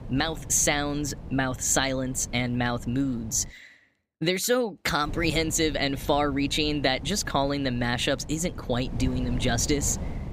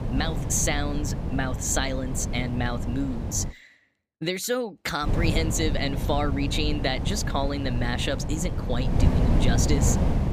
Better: first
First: wind noise on the microphone; occasional gusts; until 3.5 s and from 5 s on; 20 dB below the speech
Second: wind noise on the microphone; heavy; until 3.5 s and from 5 s on; 7 dB below the speech

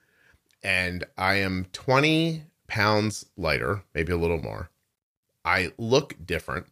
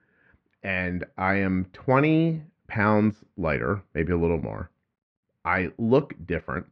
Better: first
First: none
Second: muffled; very; fading above 2 kHz

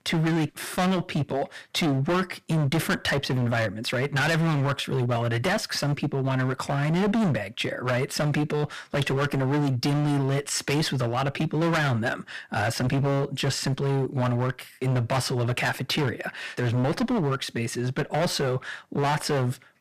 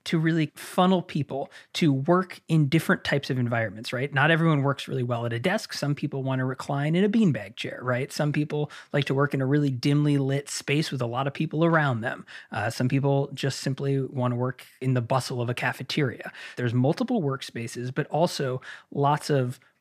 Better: second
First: distortion; heavy; 22% of the sound clipped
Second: none

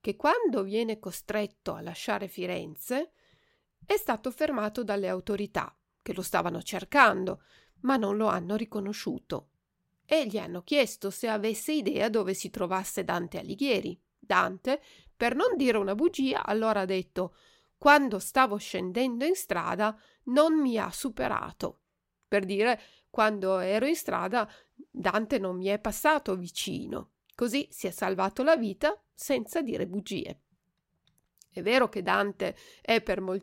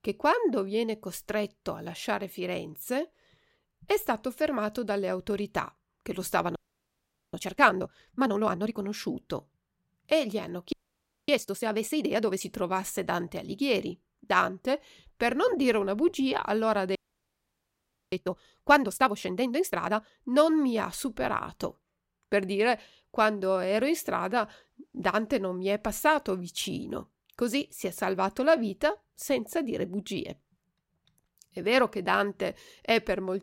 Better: first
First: none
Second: audio freezing; at 6.5 s for 1 s, at 11 s for 0.5 s and at 17 s for 1 s

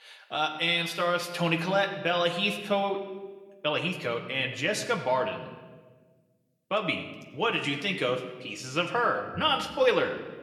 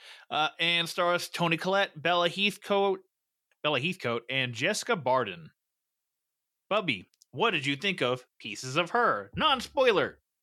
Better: second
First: room echo; slight; dies away in 1 s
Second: none

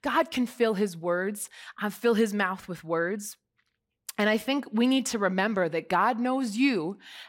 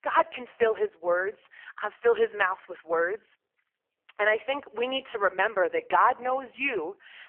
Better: first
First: none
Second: phone-call audio; poor line; nothing above 3 kHz

